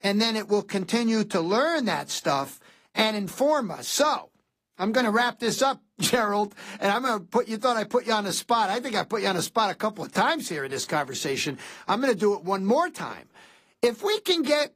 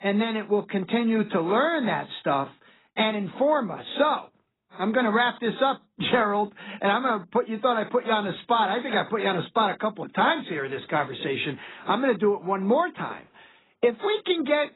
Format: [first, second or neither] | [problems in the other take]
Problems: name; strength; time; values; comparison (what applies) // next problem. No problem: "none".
first | garbled, watery; badly; nothing above 4 kHz; slightly in the first